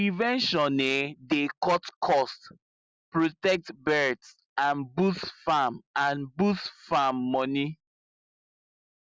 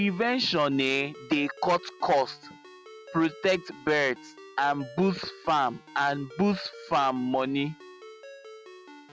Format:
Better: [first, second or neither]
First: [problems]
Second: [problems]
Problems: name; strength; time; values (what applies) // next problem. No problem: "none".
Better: first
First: none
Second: background sound (Ringtone); 19 dB below the speech